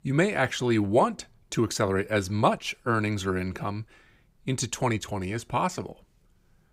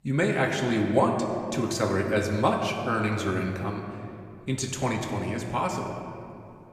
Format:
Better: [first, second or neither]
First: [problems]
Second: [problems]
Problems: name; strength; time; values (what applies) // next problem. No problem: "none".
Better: first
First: none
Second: room echo; slight; dies away in 2 s